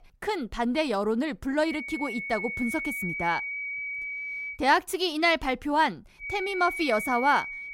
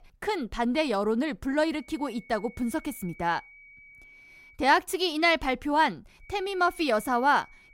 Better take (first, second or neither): second